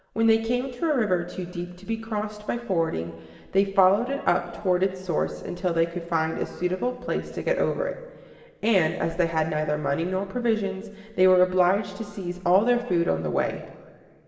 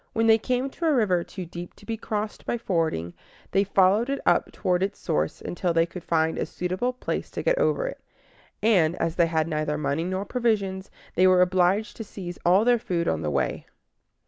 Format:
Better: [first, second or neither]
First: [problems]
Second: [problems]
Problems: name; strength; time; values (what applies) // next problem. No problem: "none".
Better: second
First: room echo; dies away in 2 s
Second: none